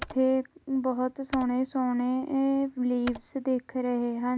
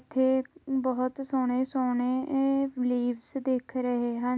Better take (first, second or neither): second